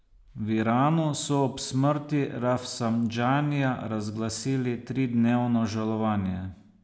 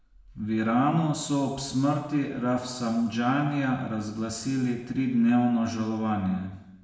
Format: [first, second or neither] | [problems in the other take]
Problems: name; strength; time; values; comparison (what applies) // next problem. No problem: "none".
first | room echo; dies away in 0.9 s